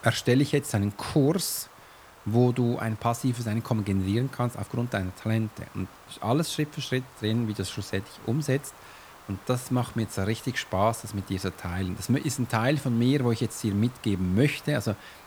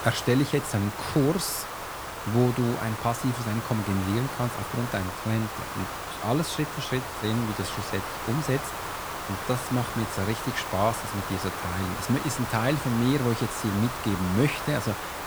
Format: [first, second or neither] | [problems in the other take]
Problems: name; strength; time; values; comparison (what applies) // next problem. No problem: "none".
first | hiss; loud; throughout; 5 dB below the speech; faint in the first